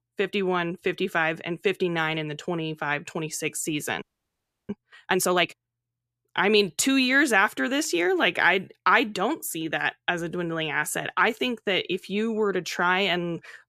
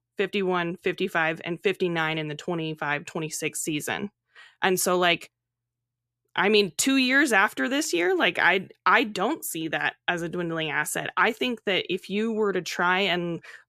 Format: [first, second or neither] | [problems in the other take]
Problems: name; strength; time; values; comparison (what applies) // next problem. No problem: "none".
second | audio freezing; at 4 s for 0.5 s